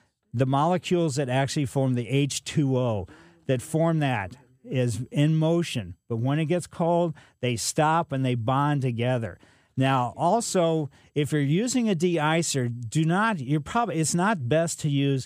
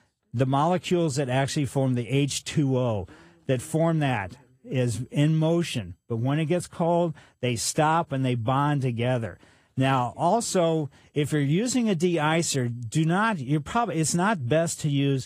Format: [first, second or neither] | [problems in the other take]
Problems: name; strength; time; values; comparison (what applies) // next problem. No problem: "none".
first | garbled, watery; slightly; nothing above 15 kHz